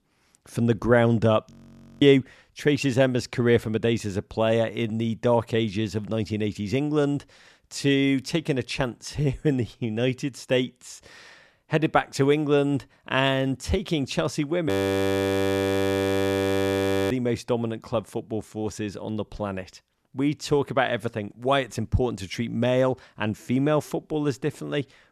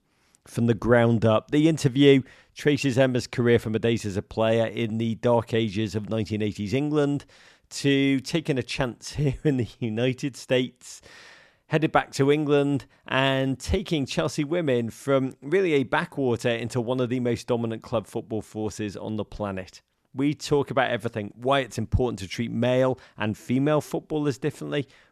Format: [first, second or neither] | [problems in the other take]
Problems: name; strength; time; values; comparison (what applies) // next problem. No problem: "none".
second | audio freezing; at 1.5 s for 0.5 s and at 15 s for 2.5 s